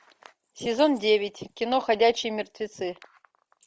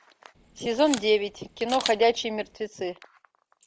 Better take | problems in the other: first | background sound (Camera); 12 dB below the speech

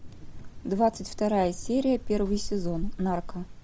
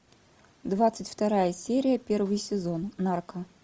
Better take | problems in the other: second | background sound (Thunder); 7 dB below the speech

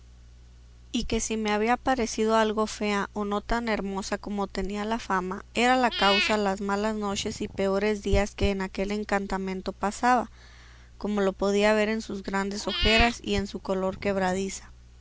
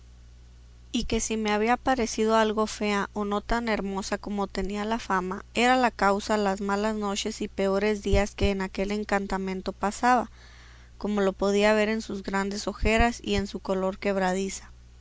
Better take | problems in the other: second | background sound (Meow / Purr); 8 dB below the speech

